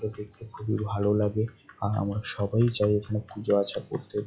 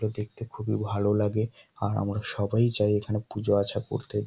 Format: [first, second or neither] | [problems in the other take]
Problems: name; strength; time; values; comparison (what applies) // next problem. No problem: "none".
second | noise reduction (classical method log-MMSE)